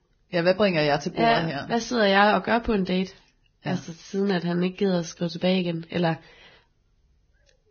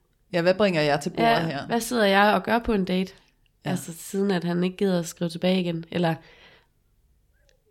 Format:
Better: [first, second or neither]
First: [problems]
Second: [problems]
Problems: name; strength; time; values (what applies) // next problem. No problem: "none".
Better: second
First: garbled, watery; badly; nothing above 6.5 kHz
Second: none